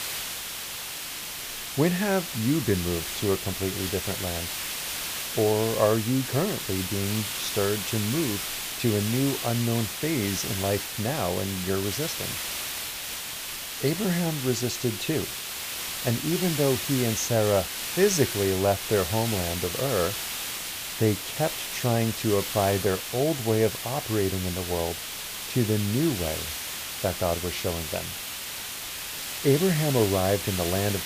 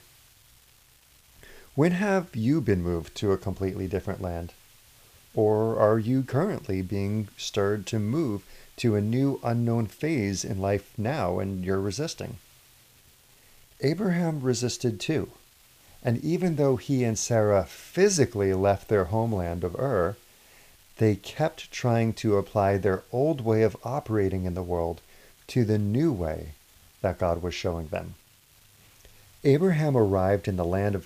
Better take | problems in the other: second | hiss; loud; throughout; 4 dB below the speech; faint in the second

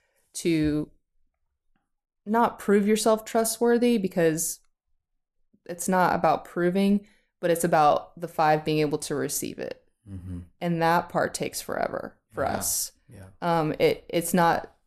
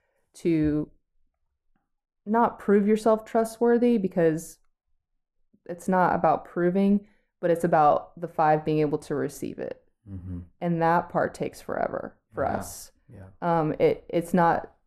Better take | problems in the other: first | muffled; slightly; fading above 2.5 kHz

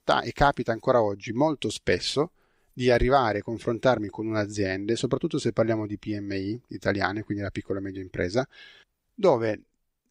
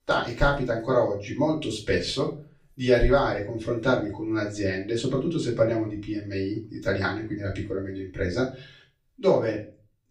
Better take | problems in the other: first | room echo; slight; dies away in 0.3 s // off-mic speech; far

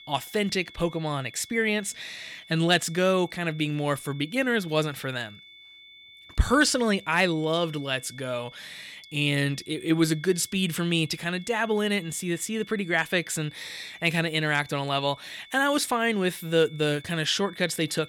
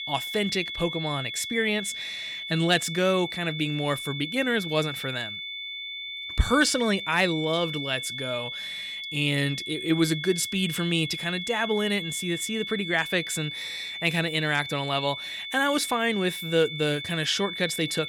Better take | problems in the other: first | high-pitched whine; loud; throughout; 3.5 kHz, 6 dB below the speech; faint in the first

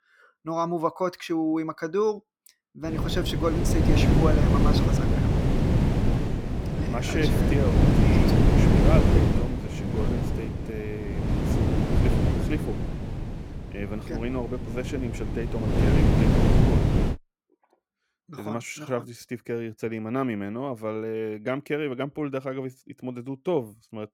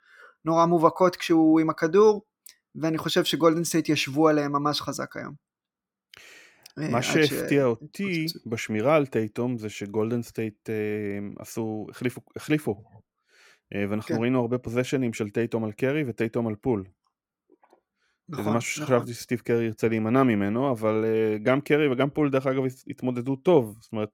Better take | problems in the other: second | wind noise on the microphone; heavy; from 3 to 17 s; 2 dB above the speech

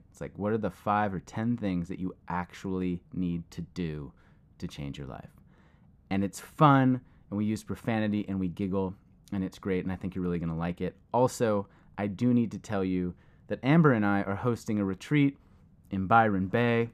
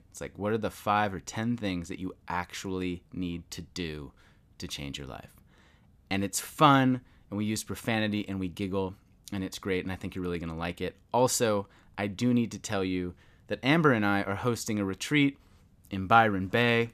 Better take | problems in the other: second | muffled; slightly; fading above 2 kHz

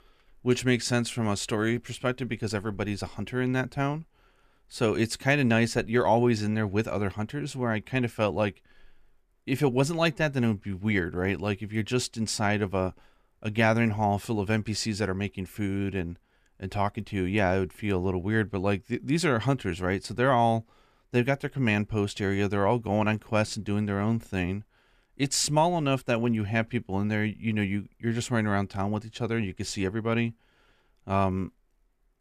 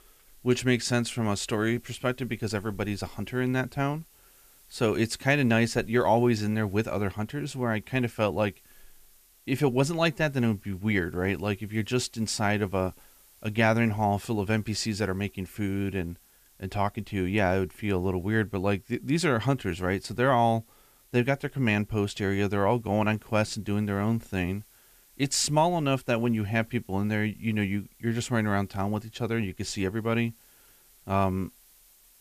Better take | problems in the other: first | hiss; faint; throughout; 30 dB below the speech

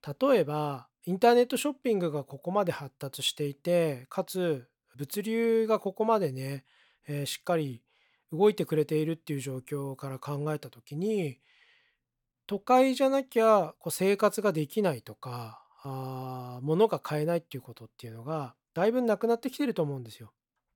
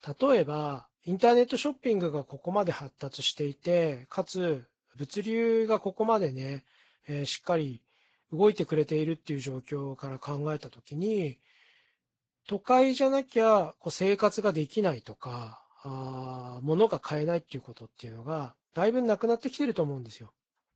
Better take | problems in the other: first | garbled, watery; badly; nothing above 7.5 kHz

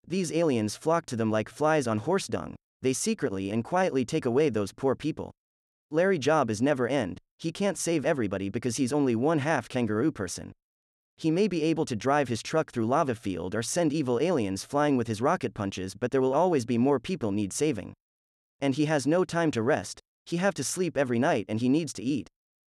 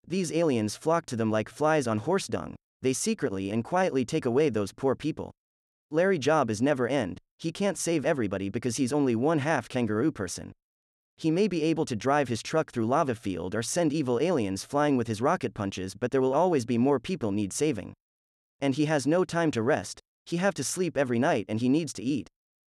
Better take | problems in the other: neither | none

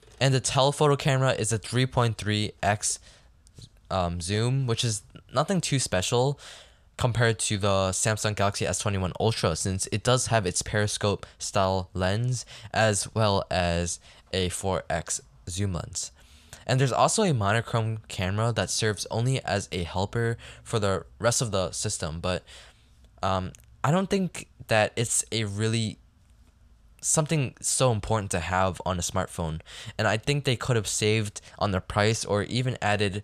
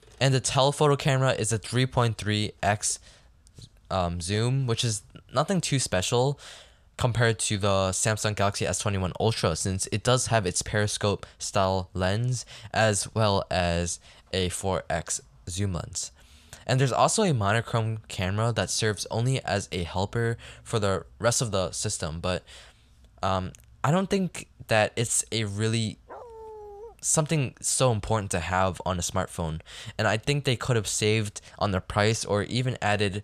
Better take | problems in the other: first | dog barking; faint; at 26 s; peak 15 dB below the speech

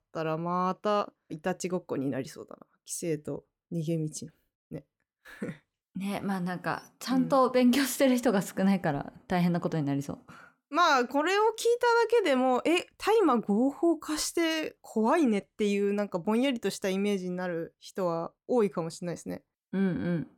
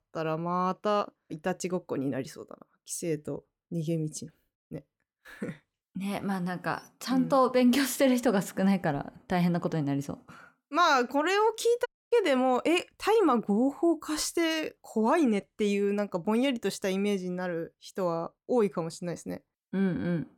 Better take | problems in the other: first | audio cutting out; at 12 s

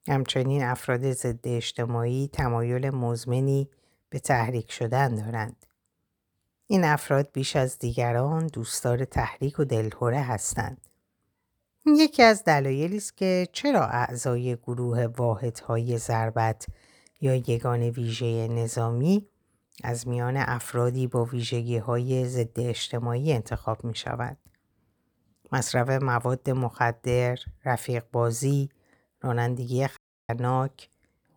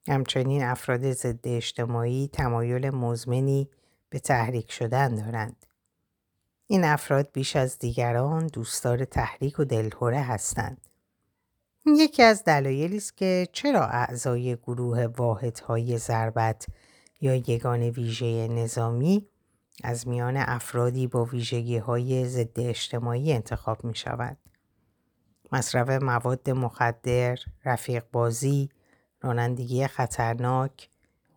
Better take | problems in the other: second | audio cutting out; at 30 s

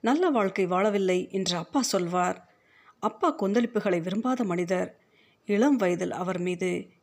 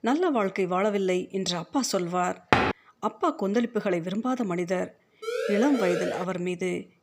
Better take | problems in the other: first | door banging; loud; at 2.5 s; peak 4 dB above the speech // siren; noticeable; from 5 to 6.5 s; peak 2 dB below the speech

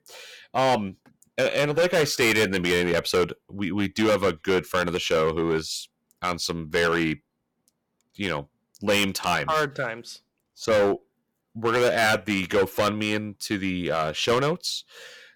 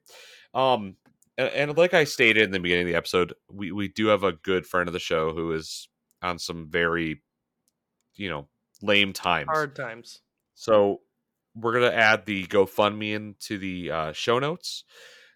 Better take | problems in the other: second | distortion; heavy; 9% of the sound clipped

